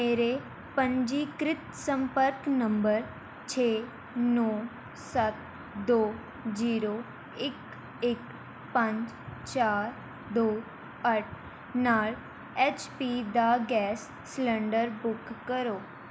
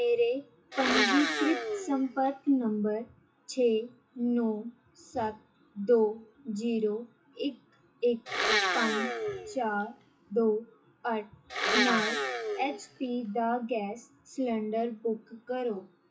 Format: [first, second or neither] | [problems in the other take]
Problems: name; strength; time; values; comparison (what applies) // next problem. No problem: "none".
first | noise reduction (classical method WPE with log-MMSE)